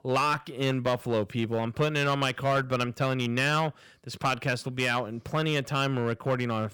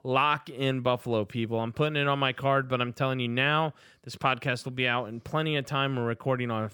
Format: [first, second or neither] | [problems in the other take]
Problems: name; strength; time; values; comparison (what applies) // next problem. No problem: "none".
second | distortion; slight; 5% of the sound clipped